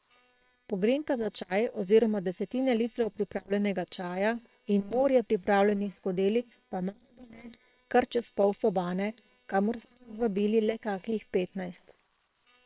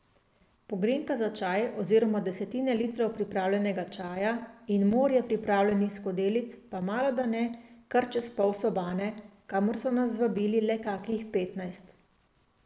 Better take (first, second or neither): second